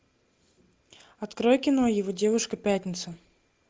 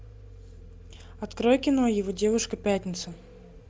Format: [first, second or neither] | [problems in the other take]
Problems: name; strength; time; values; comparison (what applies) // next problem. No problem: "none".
first | background sound (Vehicle); 18 dB below the speech